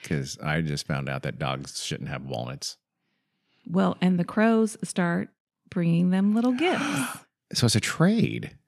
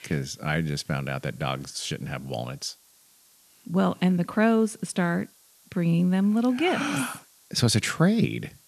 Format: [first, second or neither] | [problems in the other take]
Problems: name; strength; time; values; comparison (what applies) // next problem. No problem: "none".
first | hiss; faint; throughout; 30 dB below the speech